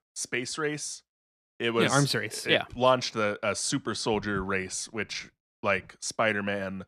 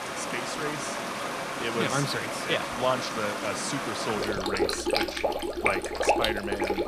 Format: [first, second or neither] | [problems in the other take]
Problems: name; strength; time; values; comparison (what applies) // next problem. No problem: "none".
first | rain or running water; very loud; throughout; 2 dB above the speech